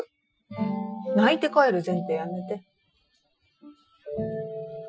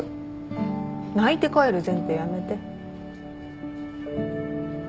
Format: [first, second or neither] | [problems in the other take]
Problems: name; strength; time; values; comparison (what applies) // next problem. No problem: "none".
second | noise reduction (classical method Wiener filter)